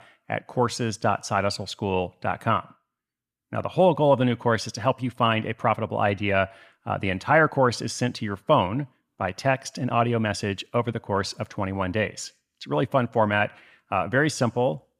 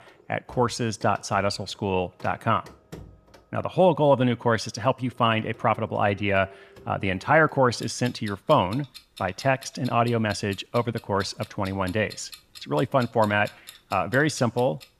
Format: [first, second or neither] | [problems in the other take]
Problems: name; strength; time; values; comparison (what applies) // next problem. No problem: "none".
first | household noises; faint; throughout; 20 dB below the speech